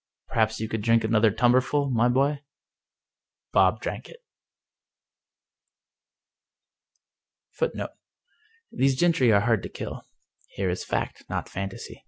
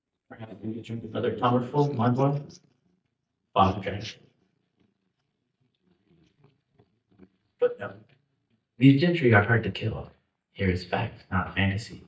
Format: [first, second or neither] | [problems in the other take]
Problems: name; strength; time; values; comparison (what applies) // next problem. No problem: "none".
first | noise reduction (neural mask model DeepFilterNet 3)